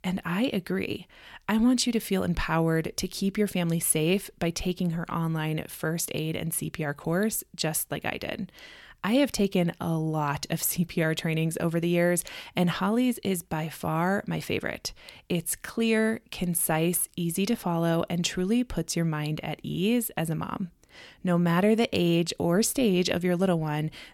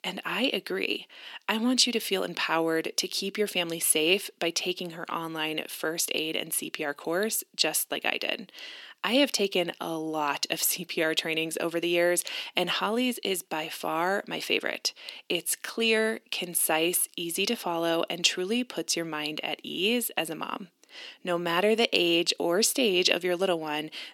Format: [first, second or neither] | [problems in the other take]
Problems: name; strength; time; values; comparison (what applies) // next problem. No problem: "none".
first | thin; somewhat; fading below 250 Hz